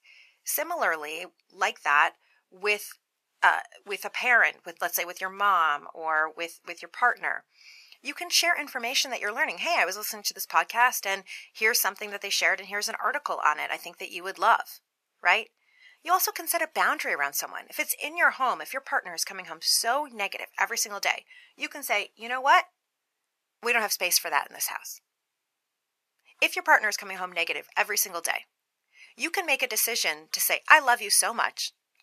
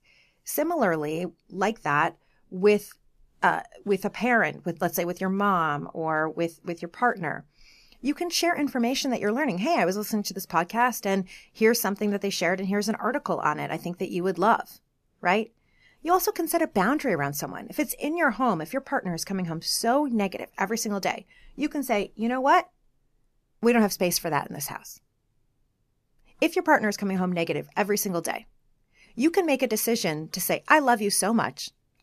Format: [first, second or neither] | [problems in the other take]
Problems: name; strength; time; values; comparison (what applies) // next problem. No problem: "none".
second | thin; very; fading below 950 Hz